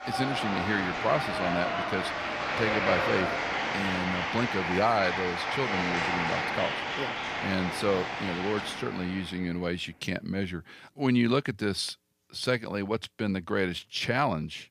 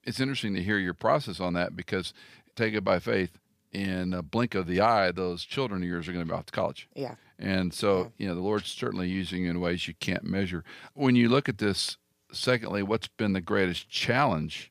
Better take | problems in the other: second | crowd noise; very loud; until 9 s; as loud as the speech

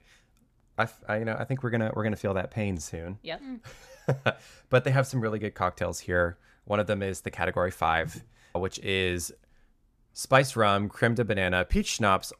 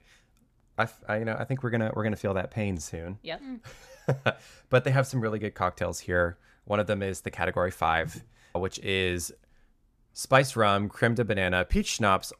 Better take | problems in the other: neither | none

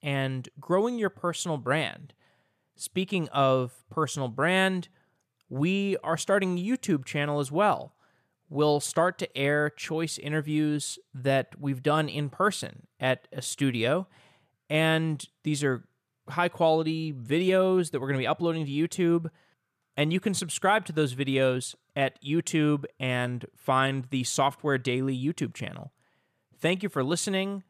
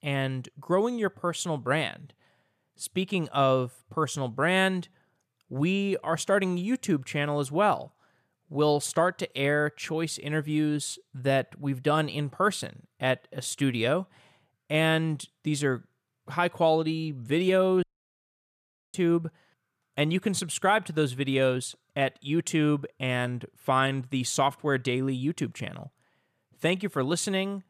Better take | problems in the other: first | audio cutting out; at 18 s for 1 s

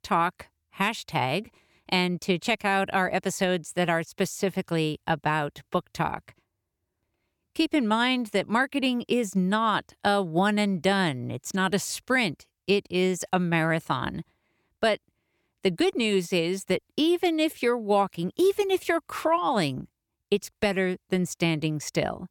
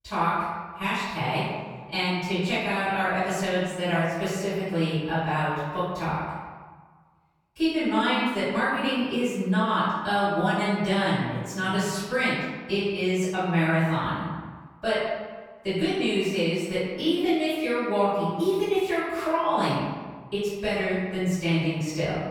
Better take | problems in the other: first | off-mic speech; far // room echo; strong; dies away in 1.3 s

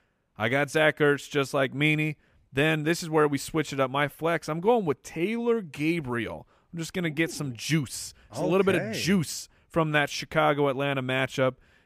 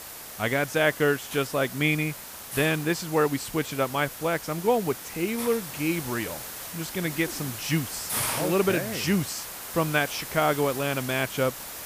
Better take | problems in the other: first | hiss; loud; throughout; 8 dB below the speech

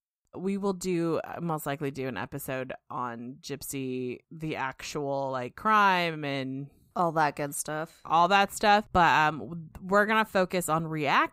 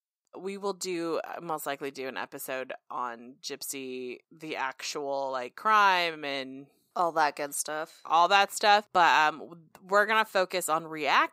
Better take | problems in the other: first | thin; somewhat; fading below 400 Hz

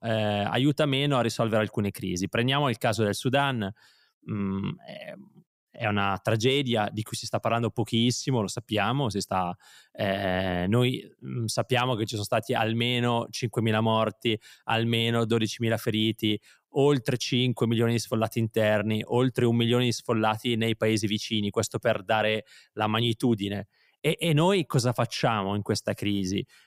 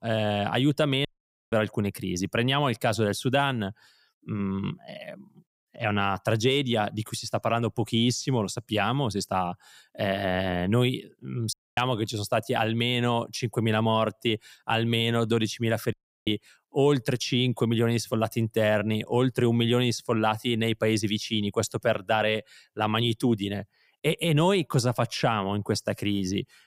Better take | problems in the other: first | audio cutting out; at 1 s, at 12 s and at 16 s

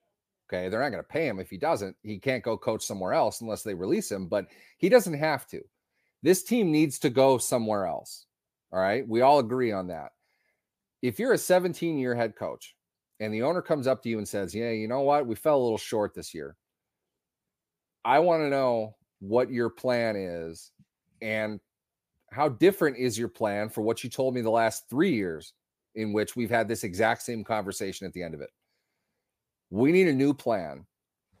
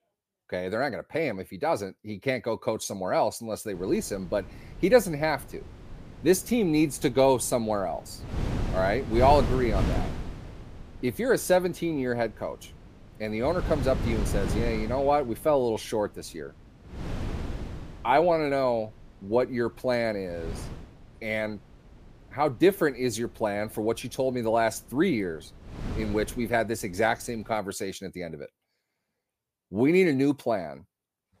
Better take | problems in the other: first | wind noise on the microphone; occasional gusts; from 3.5 to 28 s; 15 dB below the speech

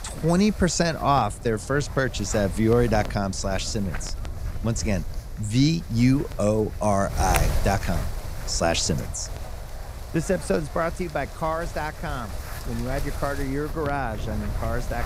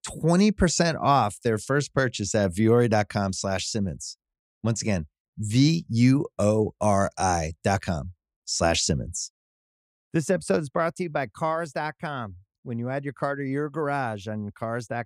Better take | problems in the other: second | wind noise on the microphone; occasional gusts; 10 dB below the speech

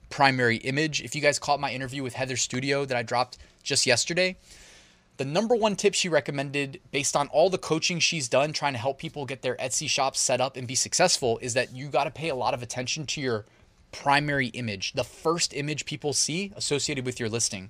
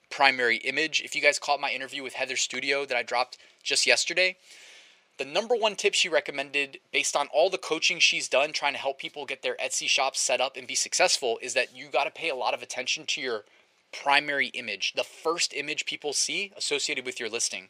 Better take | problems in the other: first | thin; somewhat; fading below 450 Hz

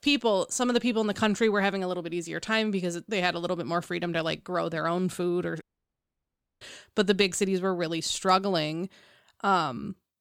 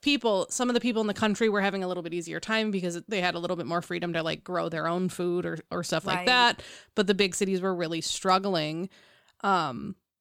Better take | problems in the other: second | audio cutting out; at 5.5 s for 1 s

